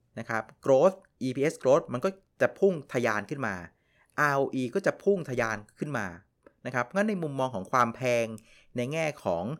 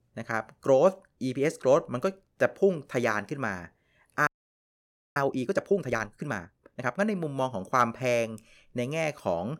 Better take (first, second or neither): first